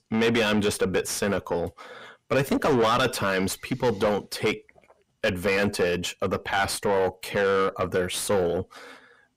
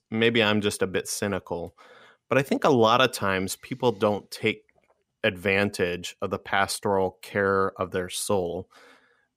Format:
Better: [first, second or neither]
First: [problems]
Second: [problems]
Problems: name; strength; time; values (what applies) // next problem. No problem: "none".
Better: second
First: distortion; heavy; 5 dB below the speech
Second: none